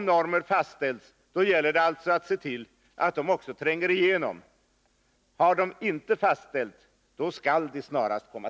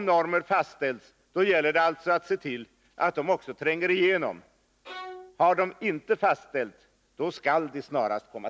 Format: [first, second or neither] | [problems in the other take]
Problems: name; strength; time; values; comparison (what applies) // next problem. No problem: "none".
first | background sound (Bowed string instrument); 15 dB below the speech